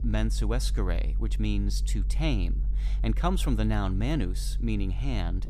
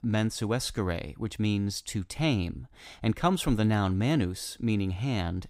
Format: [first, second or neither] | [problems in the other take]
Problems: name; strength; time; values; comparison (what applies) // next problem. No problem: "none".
second | low rumble; noticeable; throughout; 15 dB below the speech